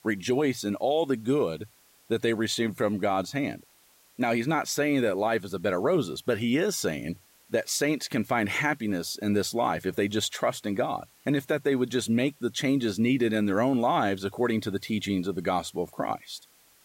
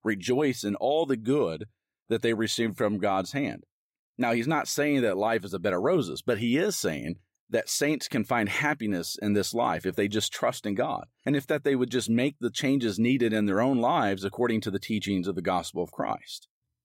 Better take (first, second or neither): second